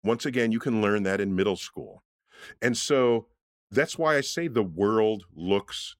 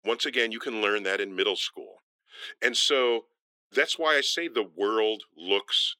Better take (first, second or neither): first